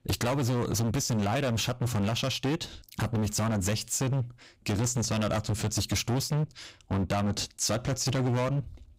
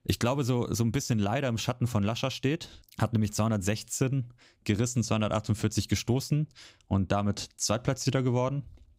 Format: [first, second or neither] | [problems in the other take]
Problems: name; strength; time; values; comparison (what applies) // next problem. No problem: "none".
second | distortion; heavy; 24% of the sound clipped